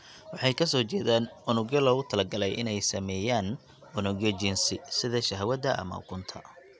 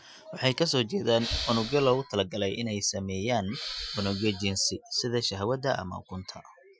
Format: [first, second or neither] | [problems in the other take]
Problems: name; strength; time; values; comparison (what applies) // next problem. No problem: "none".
first | noise reduction (classical method Wiener filter)